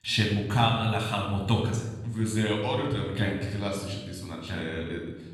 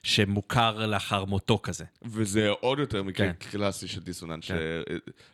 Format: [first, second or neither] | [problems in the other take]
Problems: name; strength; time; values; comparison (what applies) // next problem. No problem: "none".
second | off-mic speech; somewhat distant // room echo; noticeable; dies away in 1 s